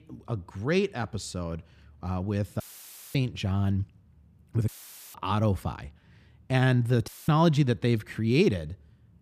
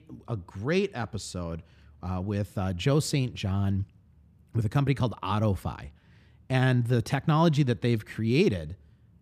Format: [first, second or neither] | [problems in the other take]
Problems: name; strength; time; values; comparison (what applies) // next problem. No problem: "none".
second | audio cutting out; filled with static; at 2.5 s for 0.5 s, at 4.5 s and at 7 s